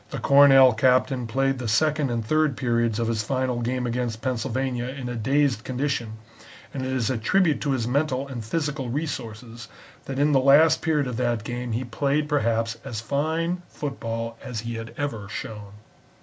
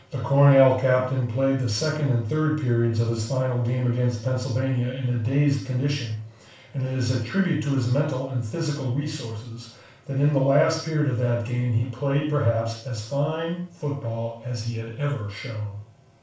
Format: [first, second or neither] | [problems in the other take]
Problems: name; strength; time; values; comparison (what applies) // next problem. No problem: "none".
first | room echo; dies away in 0.4 s